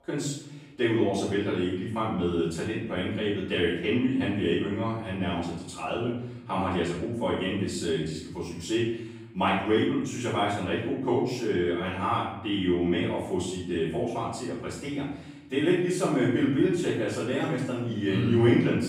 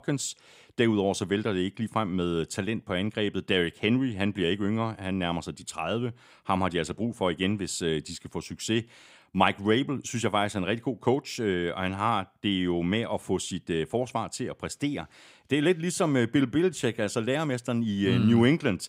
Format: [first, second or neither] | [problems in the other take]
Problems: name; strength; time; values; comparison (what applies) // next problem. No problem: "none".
second | off-mic speech; far // room echo; noticeable; dies away in 0.7 s